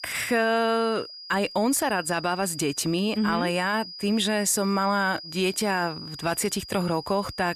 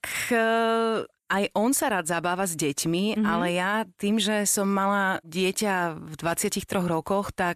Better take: second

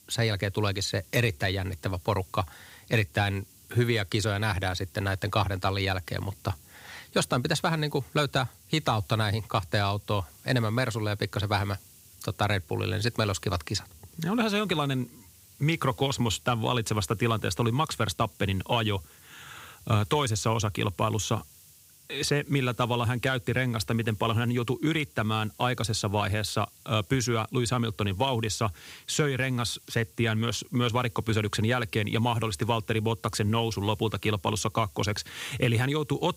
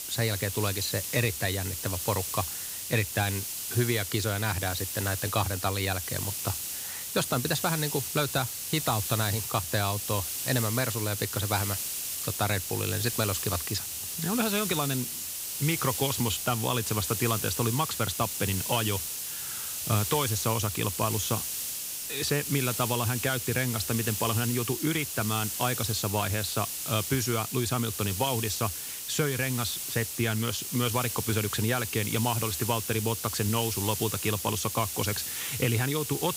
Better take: first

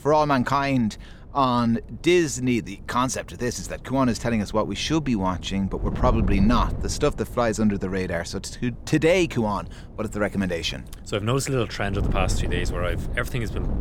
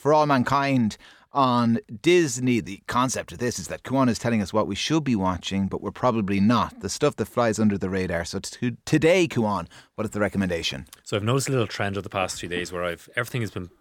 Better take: second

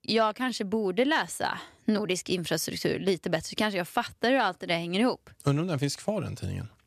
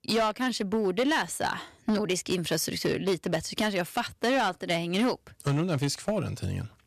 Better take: first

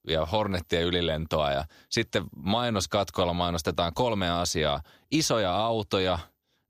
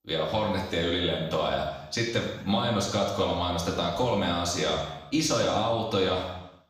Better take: first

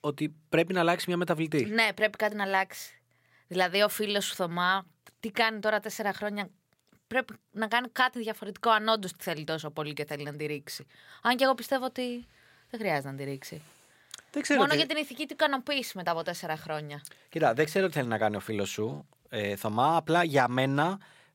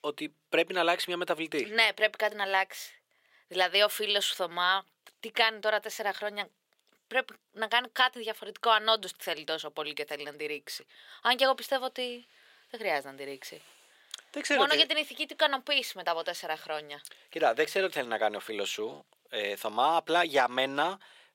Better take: first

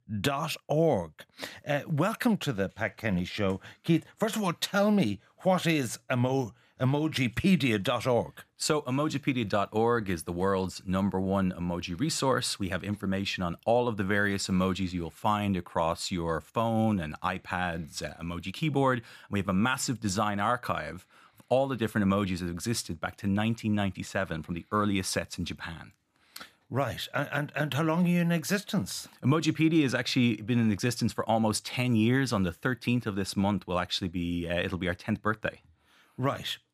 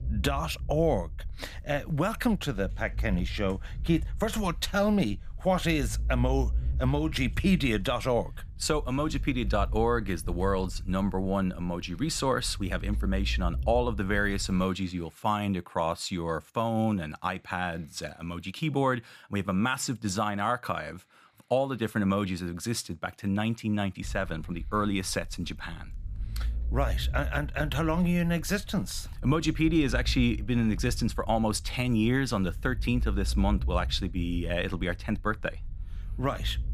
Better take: first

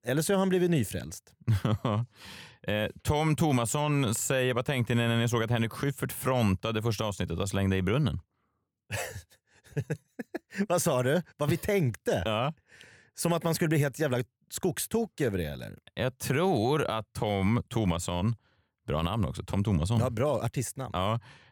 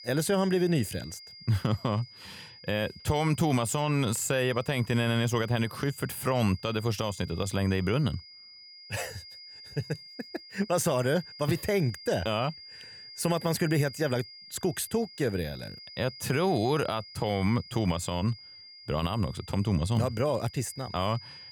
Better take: first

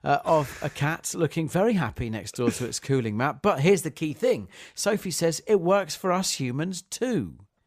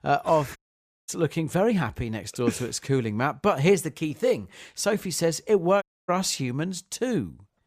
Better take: first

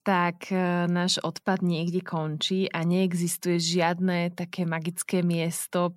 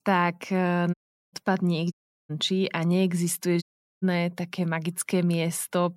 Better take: first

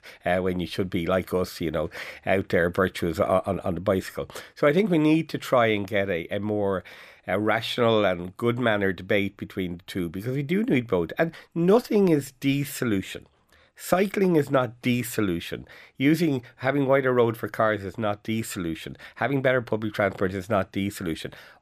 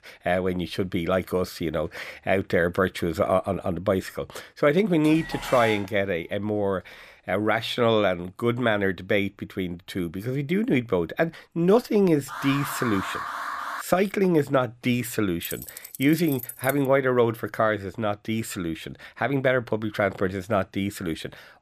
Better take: first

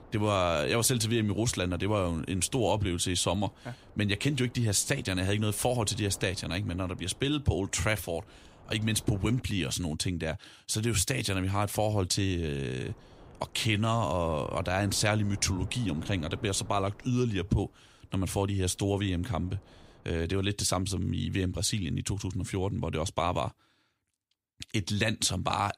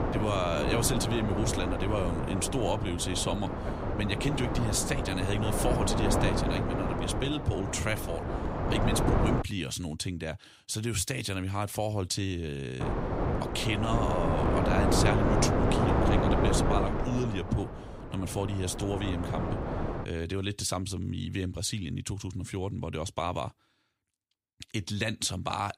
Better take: first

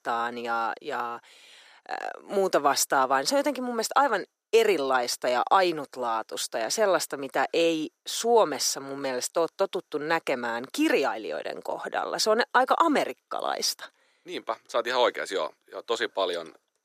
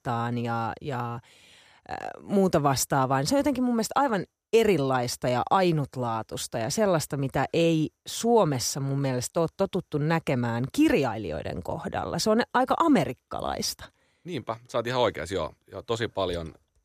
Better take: second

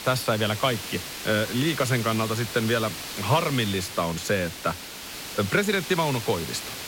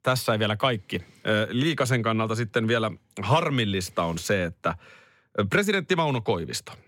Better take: second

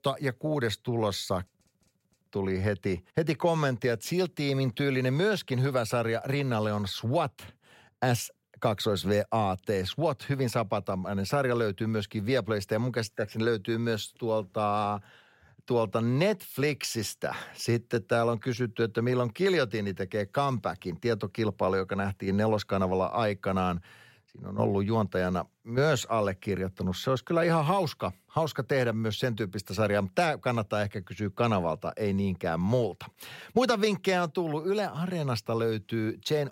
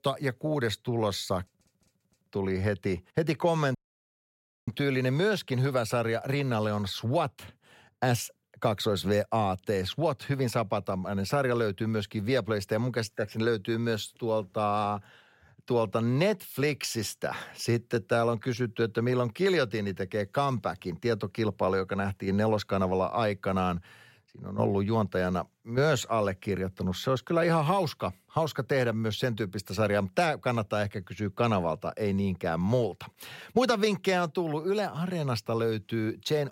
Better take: first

